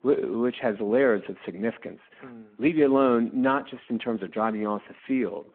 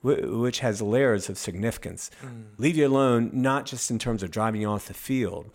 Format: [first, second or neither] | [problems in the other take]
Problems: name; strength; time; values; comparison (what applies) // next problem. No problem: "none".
second | phone-call audio